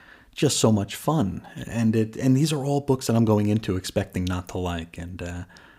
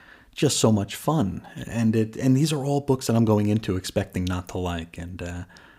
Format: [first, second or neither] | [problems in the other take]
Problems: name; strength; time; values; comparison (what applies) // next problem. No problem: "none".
neither | none